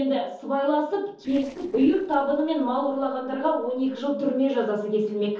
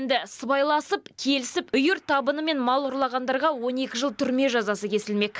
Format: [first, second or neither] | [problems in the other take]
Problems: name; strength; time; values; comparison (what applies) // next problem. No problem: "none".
second | noise reduction (neural separator model SepFormer DNS4)